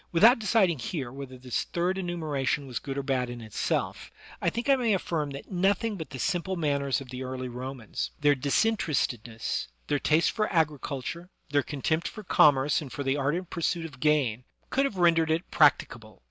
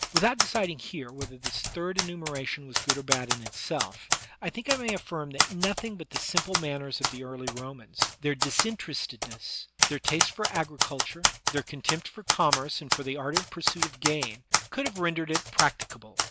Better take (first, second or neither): first